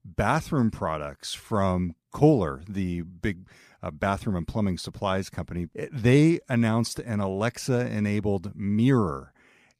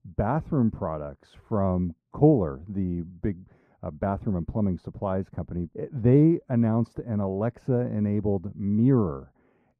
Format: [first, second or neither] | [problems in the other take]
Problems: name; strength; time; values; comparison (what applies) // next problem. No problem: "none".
first | muffled; very; fading above 2 kHz